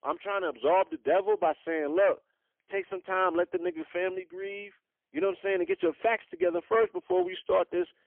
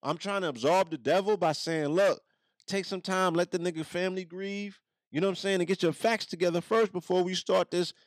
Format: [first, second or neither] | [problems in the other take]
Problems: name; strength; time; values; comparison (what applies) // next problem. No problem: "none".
second | phone-call audio; poor line; nothing above 3.5 kHz